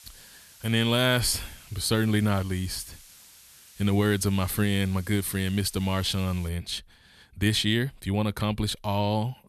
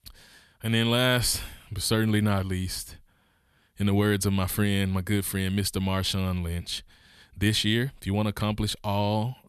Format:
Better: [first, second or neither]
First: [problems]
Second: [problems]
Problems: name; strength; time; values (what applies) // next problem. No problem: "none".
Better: second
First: hiss; faint; until 6.5 s; 25 dB below the speech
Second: none